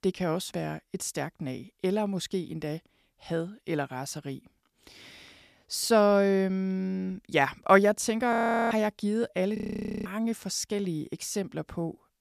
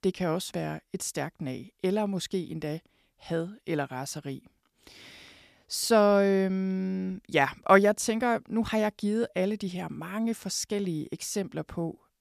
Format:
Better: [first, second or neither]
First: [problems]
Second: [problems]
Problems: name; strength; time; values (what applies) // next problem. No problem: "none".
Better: second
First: audio freezing; at 8.5 s and at 9.5 s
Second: none